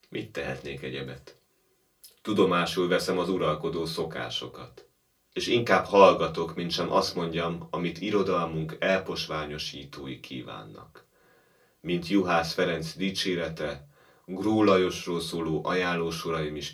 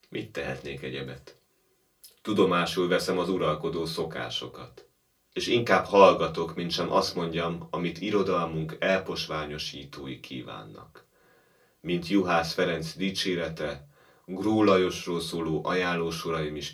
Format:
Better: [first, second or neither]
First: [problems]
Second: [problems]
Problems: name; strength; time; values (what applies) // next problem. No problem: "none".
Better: neither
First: off-mic speech; far // room echo; very slight; dies away in 0.2 s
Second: off-mic speech; far // room echo; very slight; dies away in 0.2 s